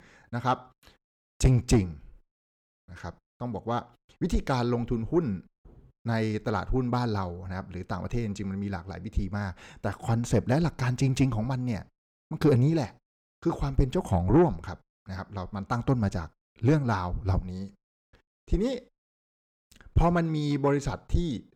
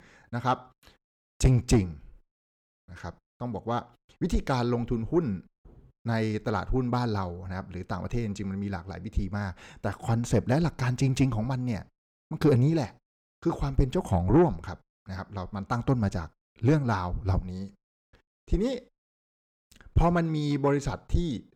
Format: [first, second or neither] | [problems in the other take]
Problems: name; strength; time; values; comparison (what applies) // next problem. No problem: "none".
neither | distortion; slight; 10 dB below the speech; the same in both